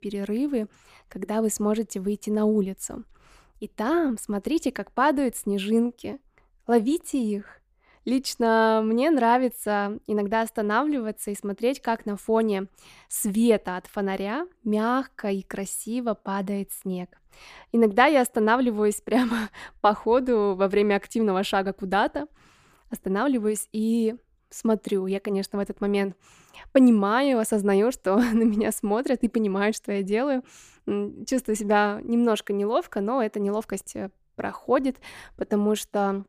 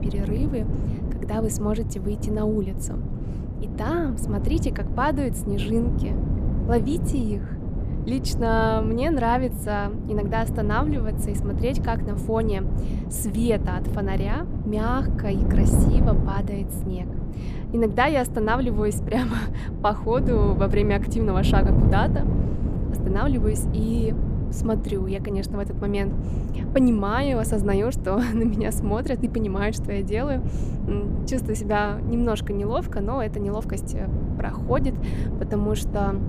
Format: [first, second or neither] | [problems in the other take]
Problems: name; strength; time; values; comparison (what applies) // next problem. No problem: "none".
first | wind noise on the microphone; heavy; 9 dB below the speech